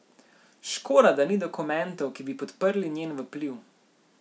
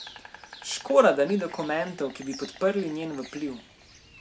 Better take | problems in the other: first | background sound (Insect); 19 dB below the speech

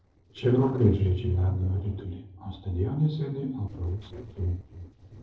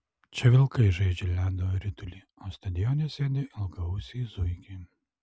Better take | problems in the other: second | noise reduction (neural separator model SepFormer DNS4)

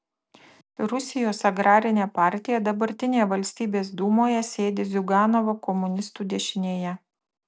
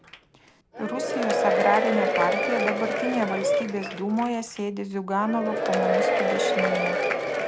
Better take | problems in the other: first | background sound (Applause / Crowd / Cheering); 3 dB above the speech

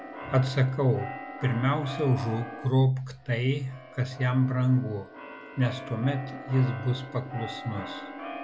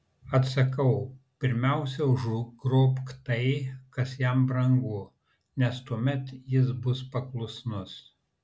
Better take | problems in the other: second | background sound (Keyboard (musical)); 13 dB below the speech

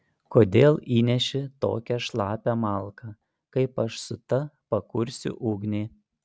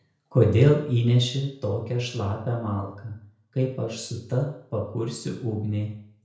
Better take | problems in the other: first | room echo; dies away in 0.5 s

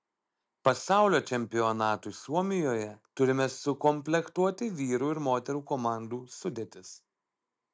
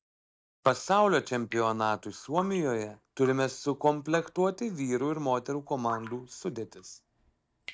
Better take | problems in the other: first | noise reduction (neural mask model DeepFilterNet 3)

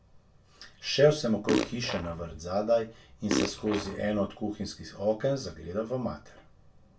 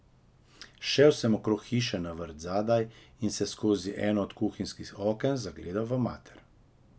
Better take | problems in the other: second | background sound (Fart); 2 dB below the speech // room echo; dies away in 0.2 s

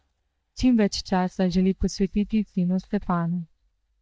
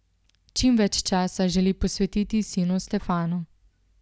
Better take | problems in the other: second | noise reduction (neural mask model DeepFilterNet 3)

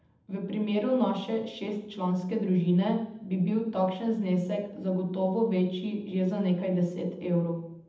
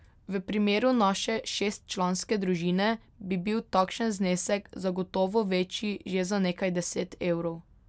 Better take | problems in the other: second | room echo; dies away in 0.8 s

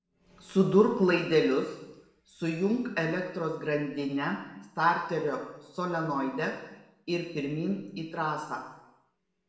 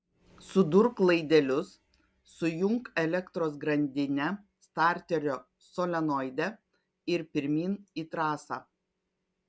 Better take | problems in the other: second | room echo; dies away in 0.9 s

